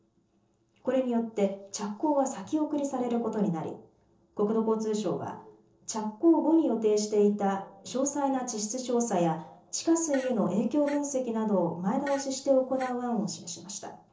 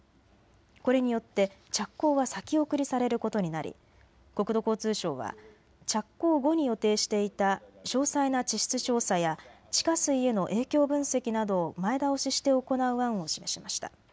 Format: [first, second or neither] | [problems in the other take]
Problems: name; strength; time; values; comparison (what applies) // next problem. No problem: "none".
second | noise reduction (neural separator model SepFormer DNS4)